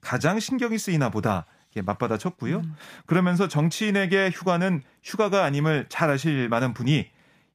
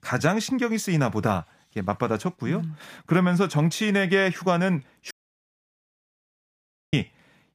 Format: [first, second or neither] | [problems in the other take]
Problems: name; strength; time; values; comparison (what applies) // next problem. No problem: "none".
first | audio cutting out; at 5 s for 2 s